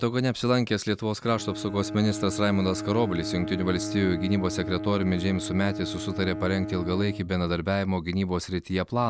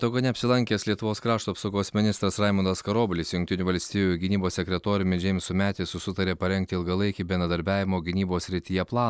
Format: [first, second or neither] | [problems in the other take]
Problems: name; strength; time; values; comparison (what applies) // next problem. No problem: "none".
second | background sound (Bowed string instrument); 9 dB below the speech